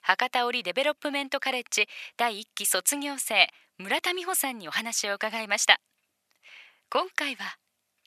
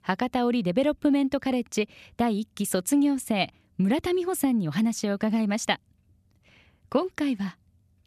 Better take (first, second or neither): second